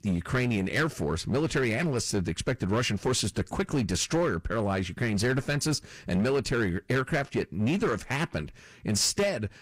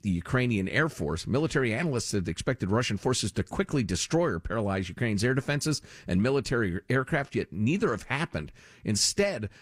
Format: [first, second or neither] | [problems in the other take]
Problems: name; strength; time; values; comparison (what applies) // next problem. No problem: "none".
second | distortion; slight; 10% of the sound clipped